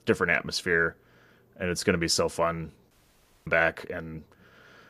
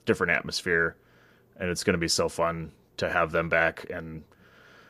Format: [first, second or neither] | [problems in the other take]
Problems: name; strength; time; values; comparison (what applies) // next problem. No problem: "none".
second | audio cutting out; at 3 s for 0.5 s